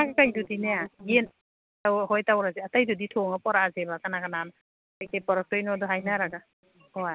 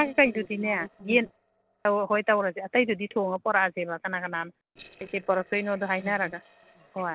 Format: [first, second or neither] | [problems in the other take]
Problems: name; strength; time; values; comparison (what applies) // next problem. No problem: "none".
first | noise reduction (neural separator model SepFormer DNS4)